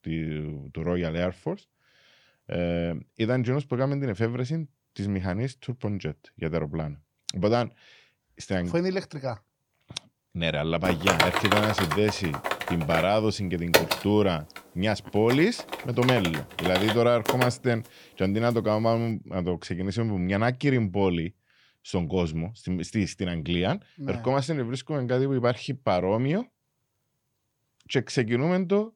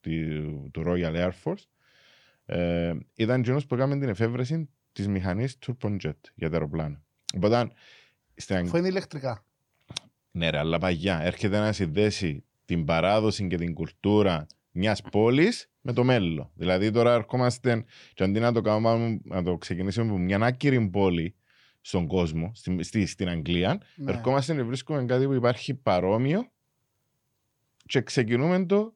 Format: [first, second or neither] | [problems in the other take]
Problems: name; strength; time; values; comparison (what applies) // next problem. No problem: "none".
second | keyboard typing; loud; from 11 to 17 s; peak 5 dB above the speech